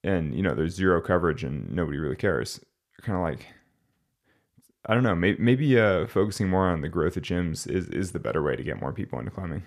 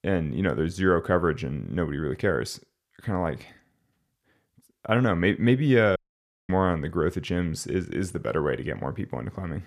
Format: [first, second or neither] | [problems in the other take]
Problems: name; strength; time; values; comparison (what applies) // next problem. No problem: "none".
first | audio cutting out; at 6 s for 0.5 s